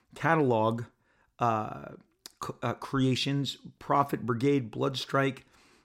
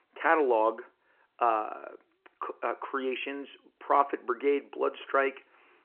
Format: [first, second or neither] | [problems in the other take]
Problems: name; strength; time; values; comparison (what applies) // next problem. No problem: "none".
first | phone-call audio